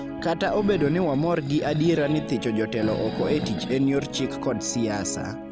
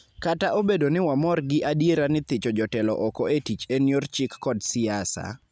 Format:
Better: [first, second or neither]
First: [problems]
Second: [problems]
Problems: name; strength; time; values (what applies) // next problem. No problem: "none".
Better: second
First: background sound (Guitar + Animal); 8 dB below the speech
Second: none